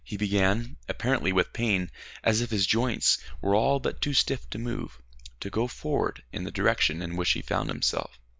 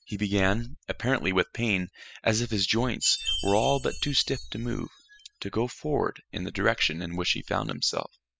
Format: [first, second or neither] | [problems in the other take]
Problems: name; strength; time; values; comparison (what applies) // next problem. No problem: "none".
first | noise reduction (classical method spectral subtraction)